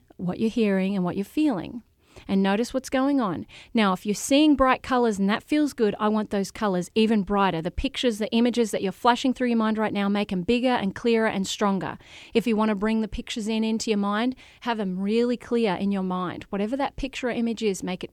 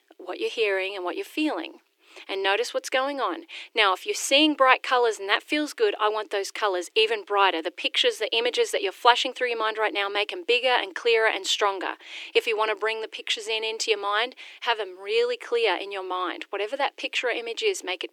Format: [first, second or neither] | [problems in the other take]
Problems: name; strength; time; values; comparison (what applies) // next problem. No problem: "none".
first | thin; very; fading below 300 Hz